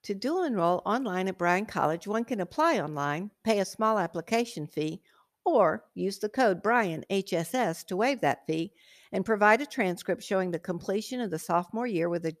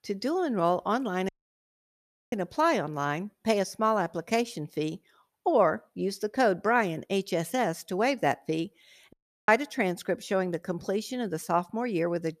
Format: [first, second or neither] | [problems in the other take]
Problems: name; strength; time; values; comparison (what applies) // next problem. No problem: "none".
first | audio cutting out; at 1.5 s for 1 s and at 9 s